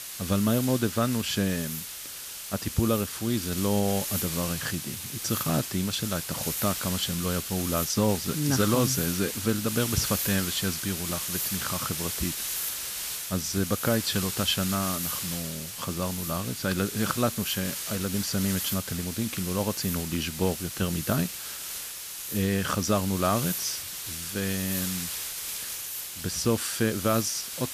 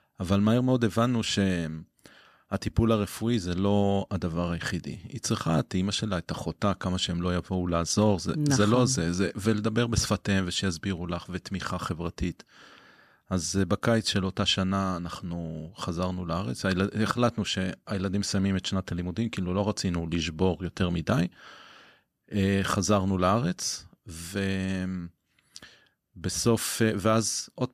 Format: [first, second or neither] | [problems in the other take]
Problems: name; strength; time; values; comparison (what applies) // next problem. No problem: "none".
second | hiss; loud; throughout; 3 dB below the speech